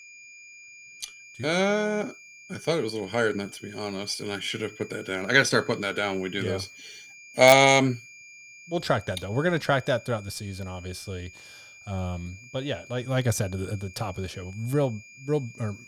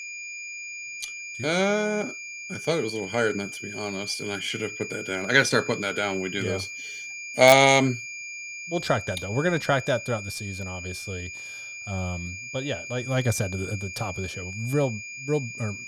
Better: first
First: high-pitched whine; faint; throughout; 2.5 kHz, 20 dB below the speech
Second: high-pitched whine; loud; throughout; 2.5 kHz, 10 dB below the speech

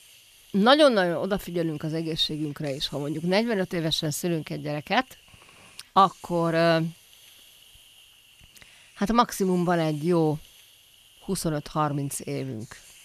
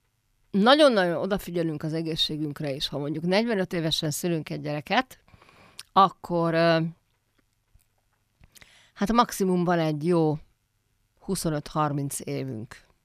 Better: second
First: hiss; faint; throughout; 25 dB below the speech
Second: none

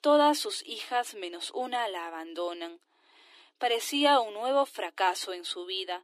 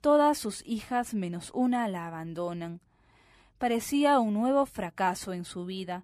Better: second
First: thin; somewhat; fading below 300 Hz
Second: none

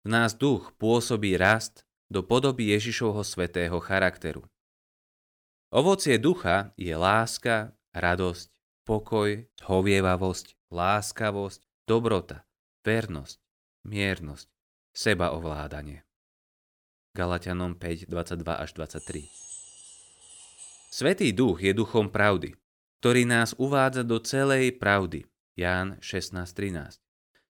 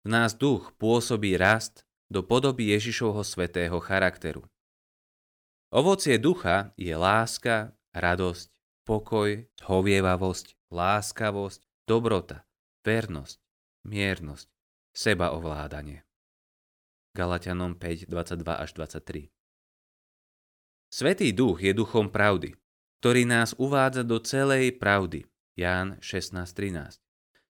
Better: second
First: jangling keys; faint; from 19 to 21 s; peak 15 dB below the speech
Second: none

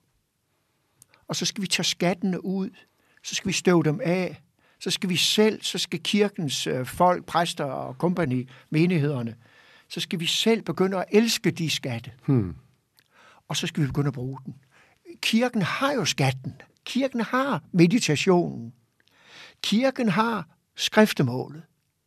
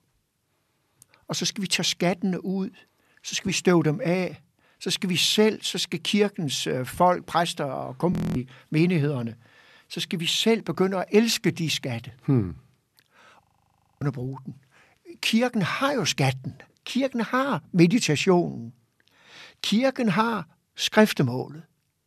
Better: first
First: none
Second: audio freezing; at 8 s and at 13 s for 0.5 s

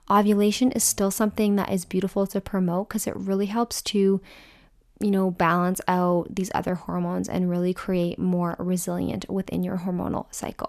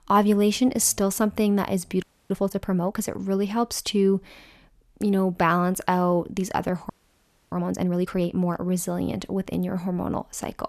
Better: first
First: none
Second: audio freezing; at 2 s and at 7 s for 0.5 s

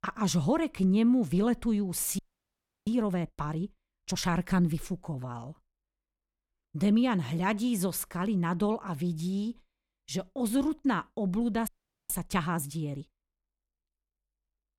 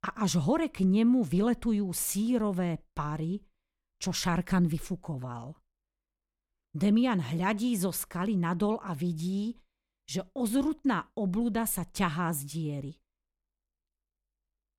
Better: second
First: audio freezing; at 2 s for 0.5 s and at 12 s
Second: none

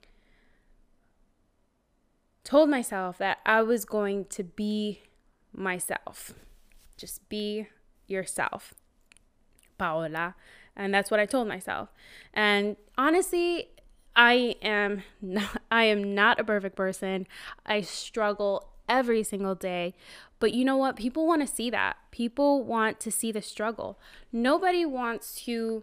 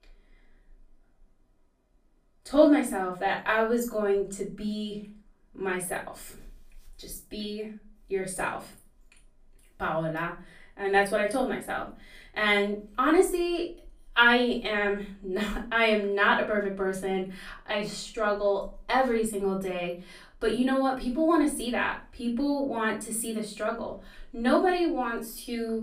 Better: first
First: none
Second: off-mic speech; far // room echo; slight; dies away in 0.3 s

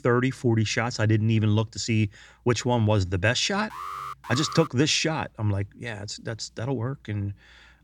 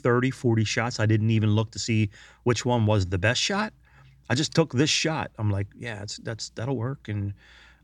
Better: second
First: alarm; noticeable; at 3.5 s; peak 9 dB below the speech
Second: none

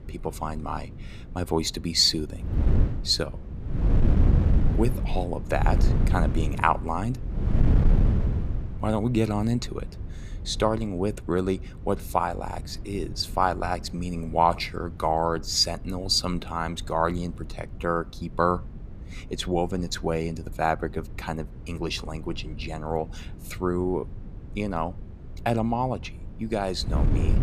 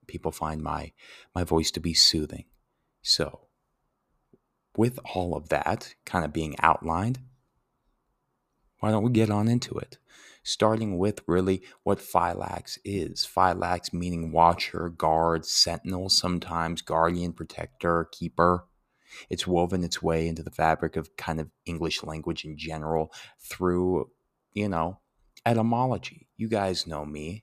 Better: second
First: wind noise on the microphone; occasional gusts; 15 dB below the speech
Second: none

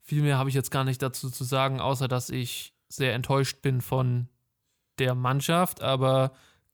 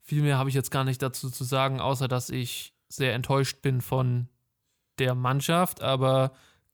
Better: neither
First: none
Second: none

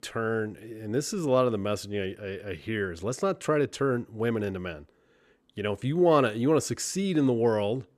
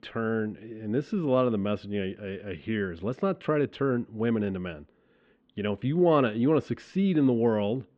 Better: first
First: none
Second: muffled; very; fading above 3.5 kHz

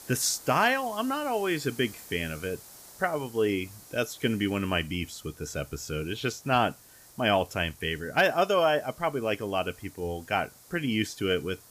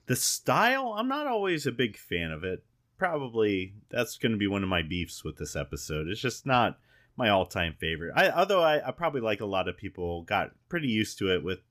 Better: second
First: hiss; noticeable; throughout; 20 dB below the speech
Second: none

